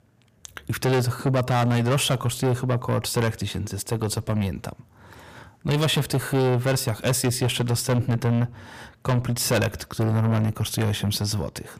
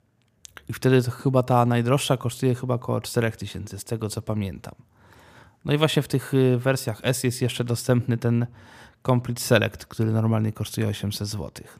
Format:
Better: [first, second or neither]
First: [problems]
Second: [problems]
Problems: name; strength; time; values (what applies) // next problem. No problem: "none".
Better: second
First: distortion; heavy; 6 dB below the speech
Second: none